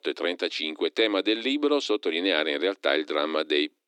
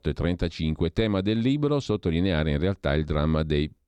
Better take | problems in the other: second | thin; somewhat; fading below 300 Hz

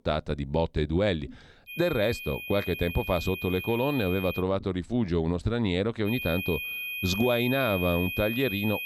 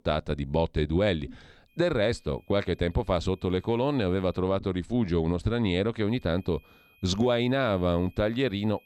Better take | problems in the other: second | high-pitched whine; loud; from 1.5 to 4.5 s and from 6 s on; 2.5 kHz, 6 dB below the speech; faint in the second

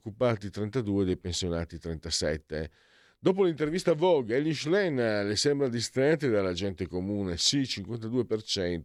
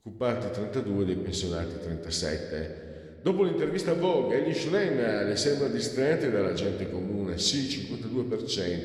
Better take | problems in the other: first | room echo; slight; dies away in 1.7 s

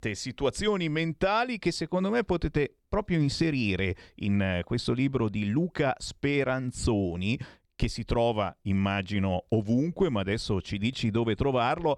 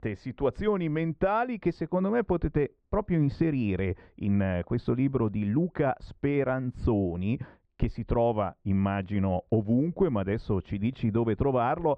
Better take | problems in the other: first | muffled; very; fading above 4 kHz

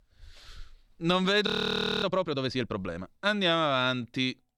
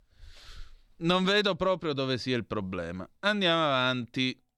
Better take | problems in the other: second | audio freezing; at 1.5 s for 0.5 s

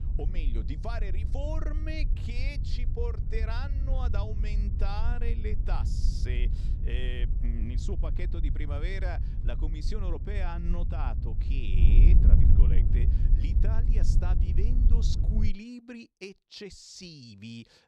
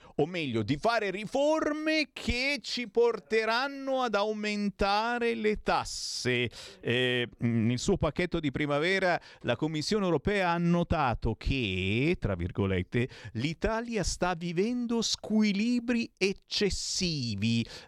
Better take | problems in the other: second | wind noise on the microphone; heavy; until 15 s; 5 dB below the speech

